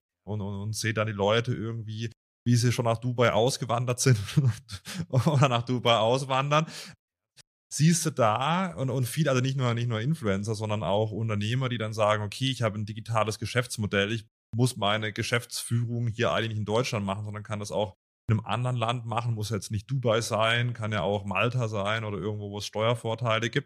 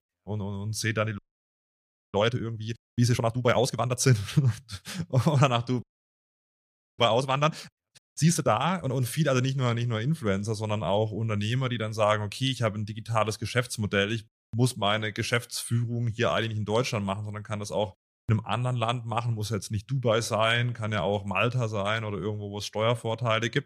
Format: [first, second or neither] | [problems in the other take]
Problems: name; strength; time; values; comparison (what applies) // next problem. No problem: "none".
first | audio freezing; at 1 s for 1 s and at 6 s for 1 s